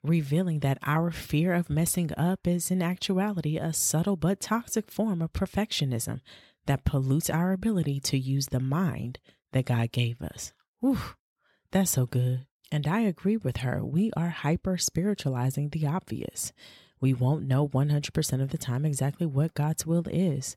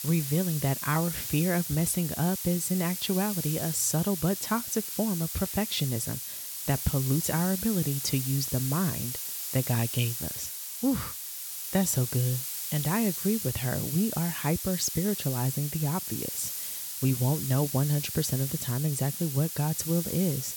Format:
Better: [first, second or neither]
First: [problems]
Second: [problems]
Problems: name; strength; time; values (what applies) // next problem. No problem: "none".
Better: first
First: none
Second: hiss; loud; throughout; 4 dB below the speech